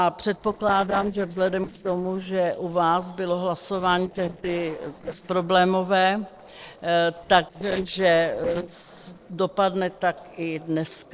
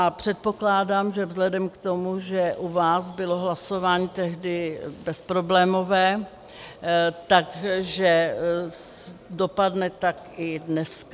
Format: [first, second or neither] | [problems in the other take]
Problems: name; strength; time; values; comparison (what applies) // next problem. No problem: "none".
second | noise reduction (neural separator model SepFormer DNS4)